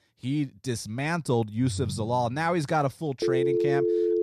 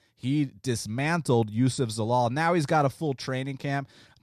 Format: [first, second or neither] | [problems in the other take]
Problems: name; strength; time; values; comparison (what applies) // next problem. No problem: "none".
second | phone ringing; noticeable; at 1.5 s; peak 6 dB below the speech // phone ringing; loud; from 3 s on; peak 4 dB above the speech